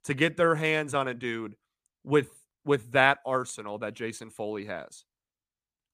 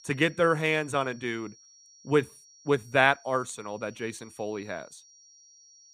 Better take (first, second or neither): first